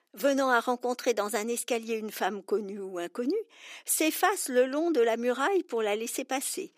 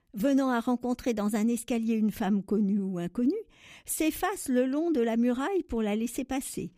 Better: second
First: thin; somewhat; fading below 350 Hz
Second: none

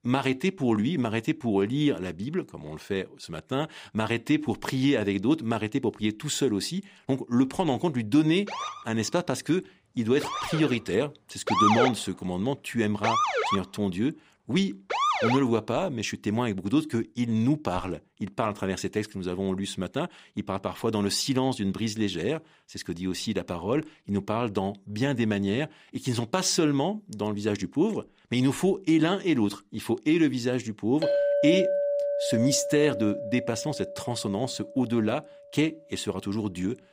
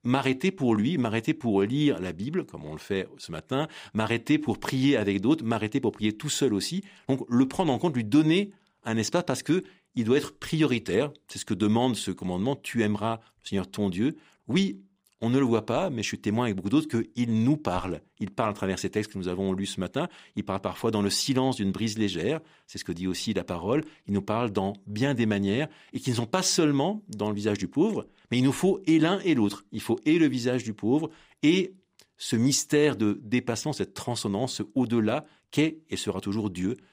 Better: second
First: siren; loud; from 8.5 to 15 s; peak 6 dB above the speech // clattering dishes; loud; from 31 to 34 s; peak 4 dB above the speech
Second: none

